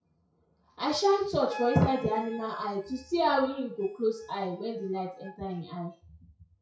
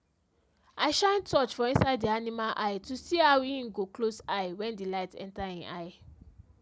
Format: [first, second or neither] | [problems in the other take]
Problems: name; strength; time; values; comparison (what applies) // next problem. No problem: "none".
second | noise reduction (classical method WPE with log-MMSE)